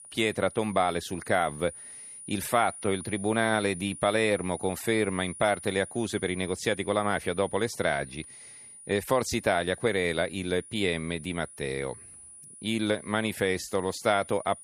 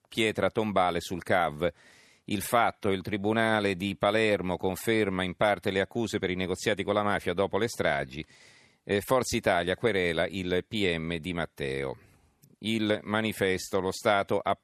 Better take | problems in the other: second | high-pitched whine; noticeable; throughout; 9.5 kHz, 15 dB below the speech

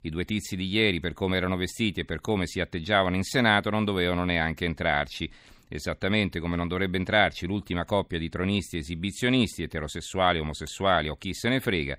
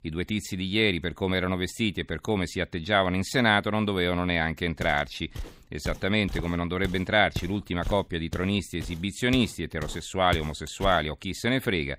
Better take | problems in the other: first | footsteps; noticeable; from 5 to 11 s; peak 10 dB below the speech

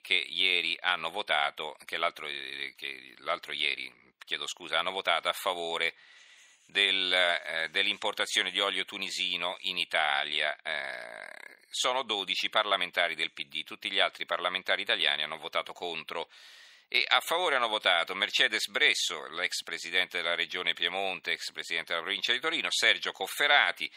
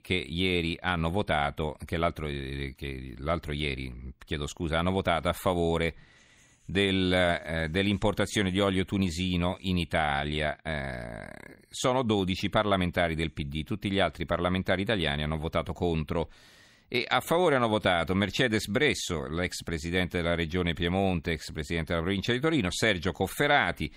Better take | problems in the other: second | thin; very; fading below 700 Hz

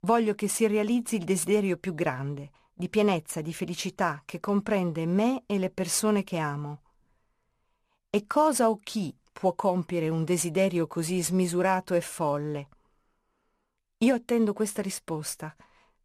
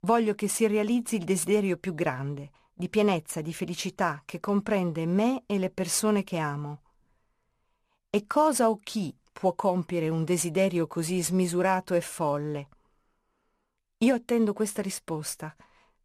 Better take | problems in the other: neither | none

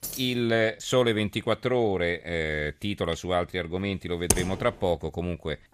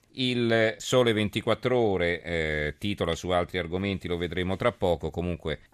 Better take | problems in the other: second | jangling keys; noticeable; at the start; peak 8 dB below the speech // keyboard typing; loud; at 4.5 s; peak 1 dB above the speech

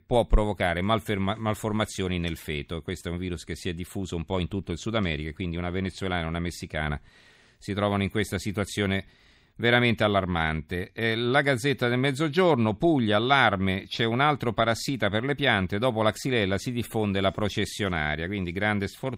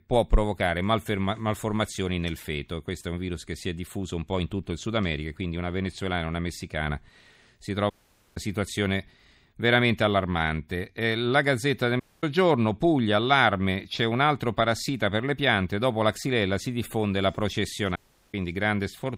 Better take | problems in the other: first | audio cutting out; at 8 s, at 12 s and at 18 s

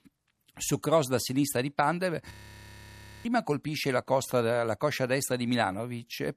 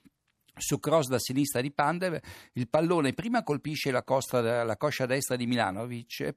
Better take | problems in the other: second | audio freezing; at 2.5 s for 1 s

